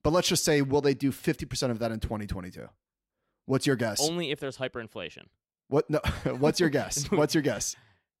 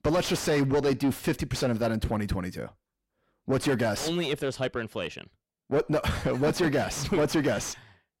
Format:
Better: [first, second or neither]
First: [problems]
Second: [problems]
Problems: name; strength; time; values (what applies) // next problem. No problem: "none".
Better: first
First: none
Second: distortion; heavy; 6 dB below the speech